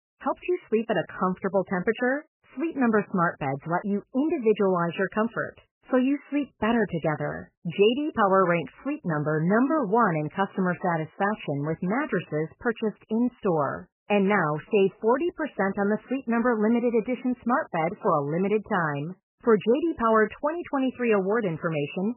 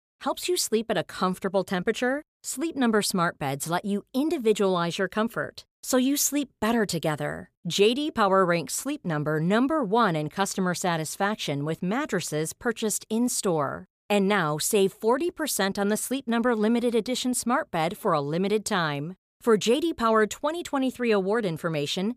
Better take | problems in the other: second | garbled, watery; badly; nothing above 3 kHz

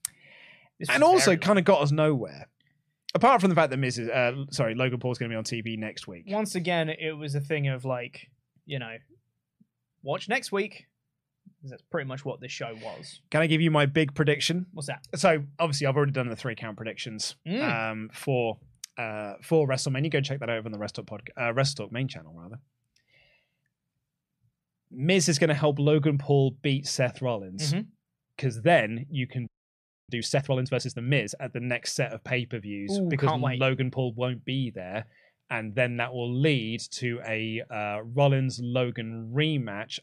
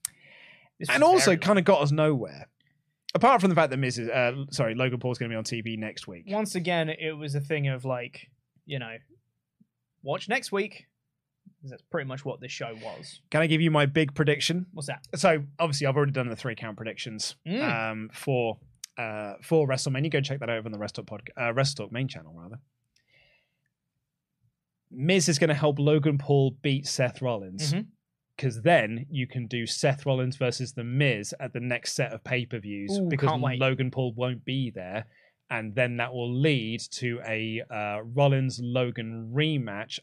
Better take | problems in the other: second | audio freezing; at 29 s for 0.5 s

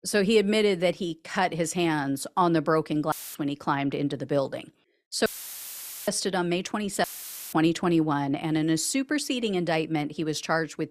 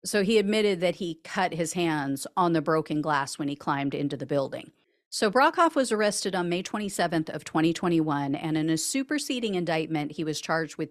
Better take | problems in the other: second | audio cutting out; filled with static; at 3 s, at 5.5 s for 1 s and at 7 s

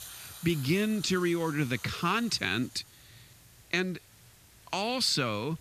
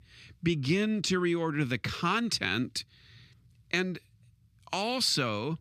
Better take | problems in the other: second | hiss; noticeable; throughout; 20 dB below the speech

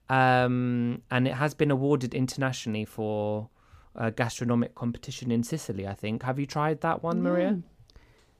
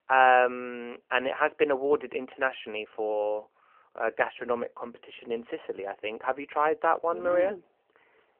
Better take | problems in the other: first | phone-call audio; nothing above 3 kHz

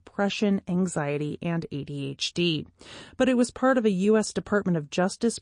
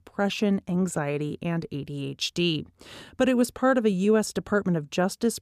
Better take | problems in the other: second | garbled, watery; slightly; nothing above 9 kHz

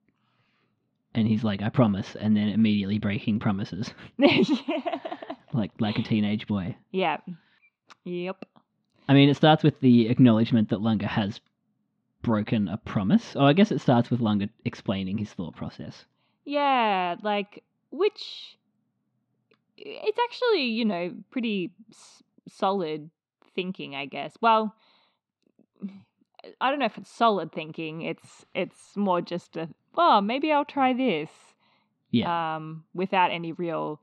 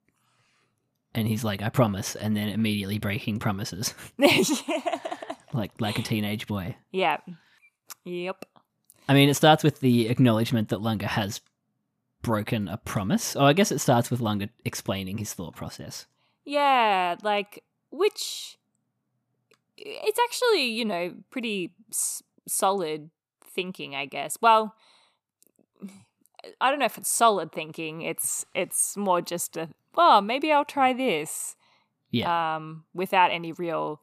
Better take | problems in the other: second | muffled; slightly; fading above 4 kHz

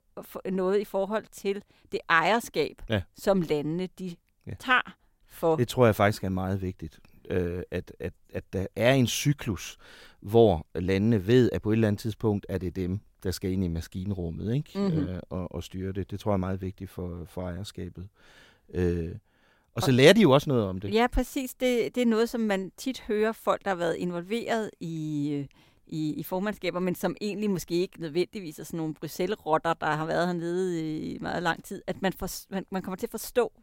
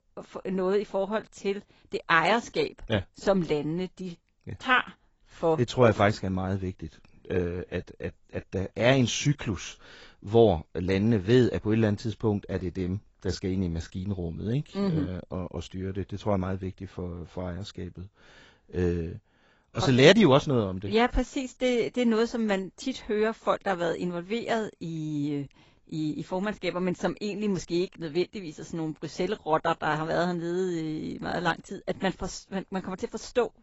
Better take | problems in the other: first | garbled, watery; badly; nothing above 7.5 kHz

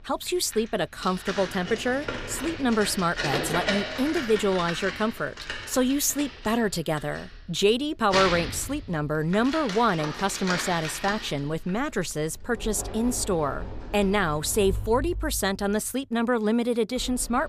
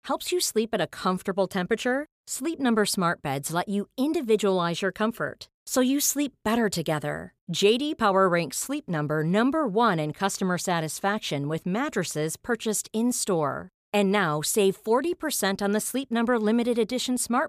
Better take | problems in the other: second | household noises; loud; throughout; 7 dB below the speech

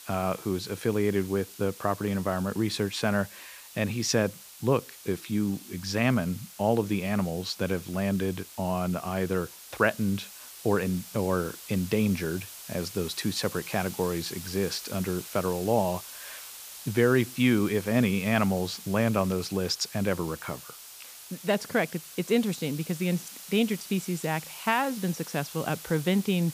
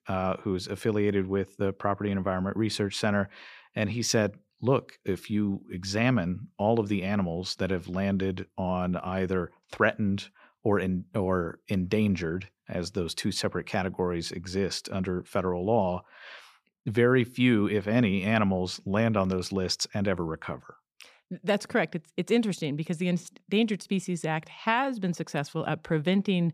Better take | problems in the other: second | hiss; noticeable; throughout; 15 dB below the speech

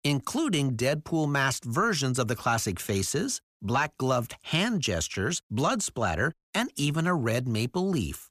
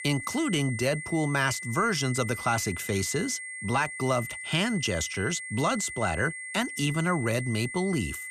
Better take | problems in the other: first | high-pitched whine; loud; throughout; 2 kHz, 8 dB below the speech

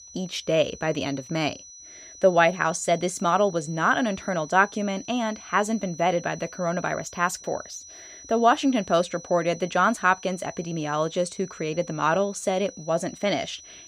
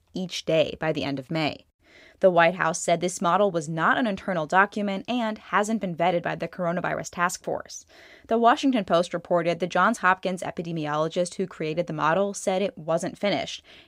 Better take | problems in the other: second | high-pitched whine; noticeable; throughout; 6 kHz, 20 dB below the speech

